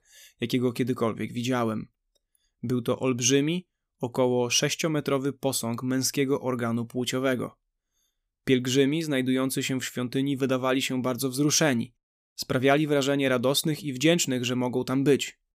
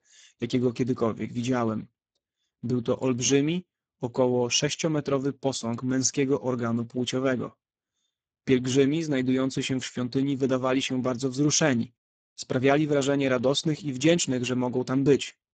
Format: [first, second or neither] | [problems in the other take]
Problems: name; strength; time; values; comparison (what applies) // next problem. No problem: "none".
first | garbled, watery; badly; nothing above 7.5 kHz